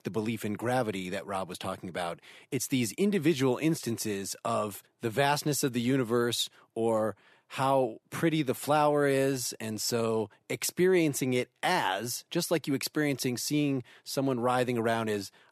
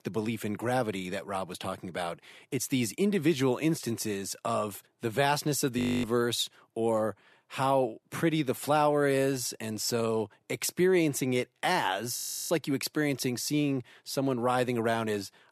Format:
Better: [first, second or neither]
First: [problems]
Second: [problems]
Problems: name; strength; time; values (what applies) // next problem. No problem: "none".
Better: first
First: none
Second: audio freezing; at 6 s and at 12 s